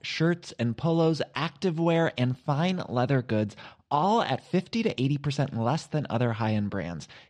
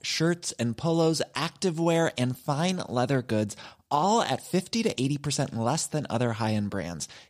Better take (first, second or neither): second